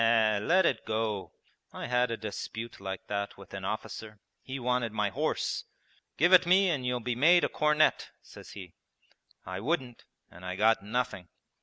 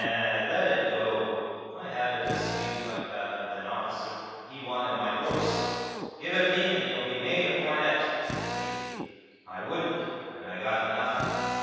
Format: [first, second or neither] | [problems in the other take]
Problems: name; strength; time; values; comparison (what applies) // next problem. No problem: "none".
first | background sound (Drill); 9 dB below the speech // room echo; dies away in 2.2 s